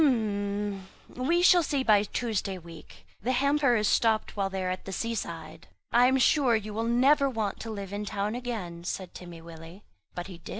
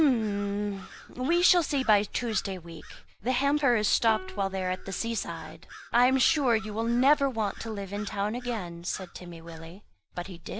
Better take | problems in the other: first | background sound (Bird vocalization, bird call, bird song + Plucked string instrument); 20 dB below the speech

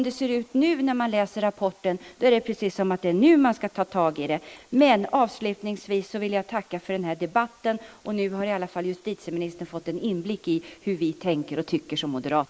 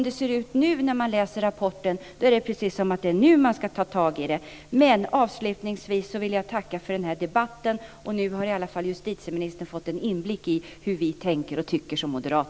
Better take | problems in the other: second | noise reduction (neural mask model Resemble Enhance denoiser)

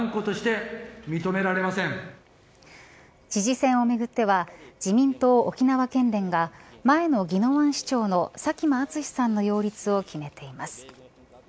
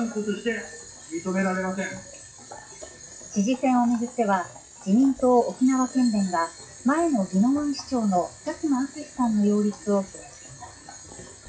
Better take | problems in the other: first | noise reduction (classical method WPE with log-MMSE)

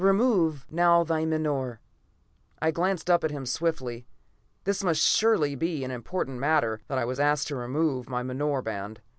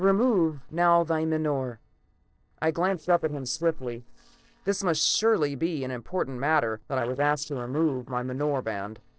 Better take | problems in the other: first | noise reduction (neural separator model SepFormer DNS4)

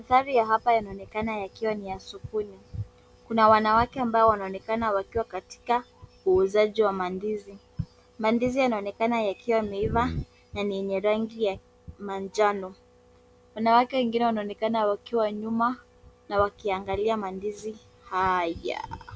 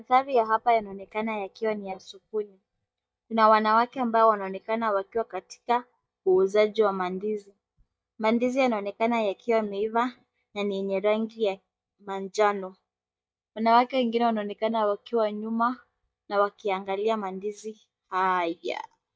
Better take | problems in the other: first | noise reduction (neural mask model DeepFilterNet 3)

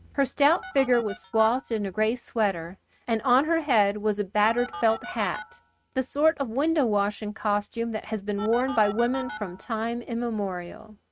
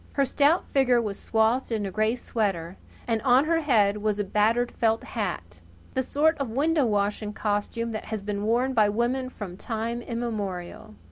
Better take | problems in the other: second | noise reduction (neural mask model RNNoise)

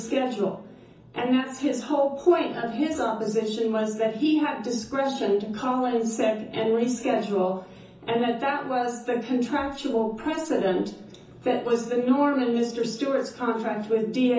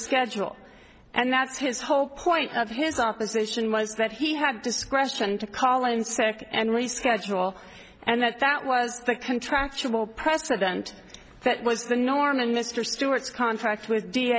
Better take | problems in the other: second | room echo; dies away in 0.6 s

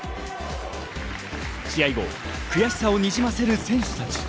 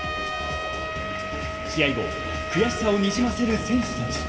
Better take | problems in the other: first | background sound (Trumpet); 6 dB below the speech // room echo; dies away in 2 s

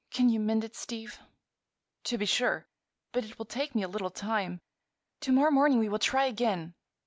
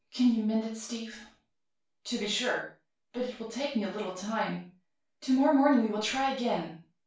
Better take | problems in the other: first | room echo; dies away in 0.4 s

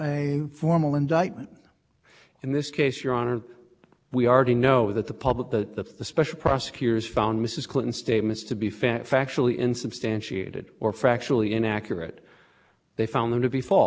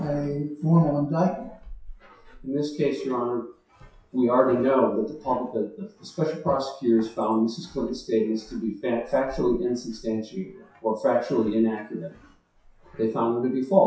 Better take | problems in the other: first | noise reduction (classical method WPE with log-MMSE)

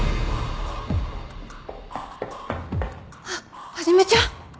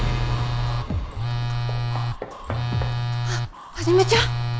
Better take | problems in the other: first | background sound (Telephone); 1 dB above the speech

